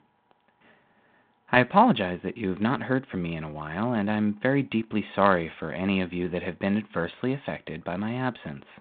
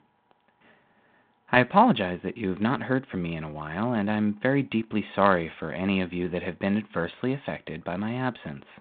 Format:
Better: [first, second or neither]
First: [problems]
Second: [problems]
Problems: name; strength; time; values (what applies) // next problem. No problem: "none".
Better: neither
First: phone-call audio; nothing above 3.5 kHz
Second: phone-call audio; nothing above 3.5 kHz